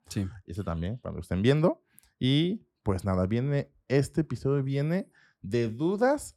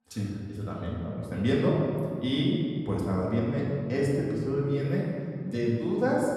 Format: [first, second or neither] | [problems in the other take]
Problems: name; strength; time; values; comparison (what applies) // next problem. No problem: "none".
first | off-mic speech; far // room echo; noticeable; dies away in 2 s